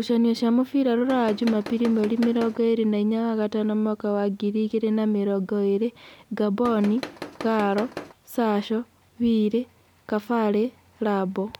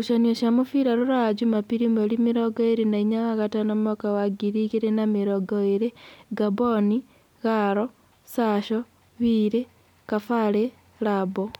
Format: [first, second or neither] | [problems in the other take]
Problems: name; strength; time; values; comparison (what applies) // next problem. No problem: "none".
second | background sound (Tools); 13 dB below the speech